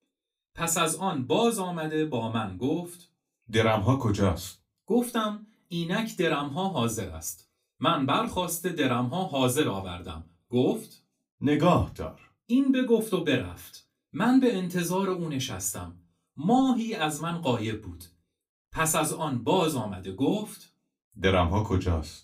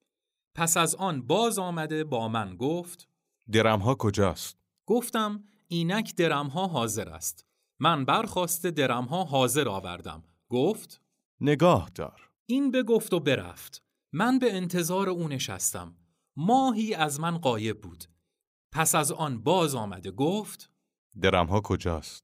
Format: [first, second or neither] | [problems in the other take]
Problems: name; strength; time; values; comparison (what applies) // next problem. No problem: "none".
second | off-mic speech; far // room echo; very slight; dies away in 0.2 s